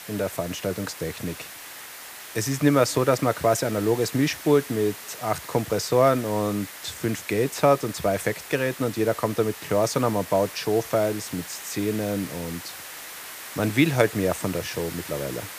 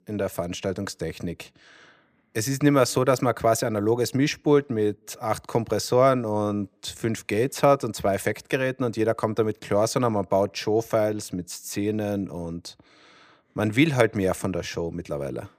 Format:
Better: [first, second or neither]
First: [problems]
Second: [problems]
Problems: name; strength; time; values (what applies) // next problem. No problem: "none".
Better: second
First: hiss; noticeable; throughout; 10 dB below the speech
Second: none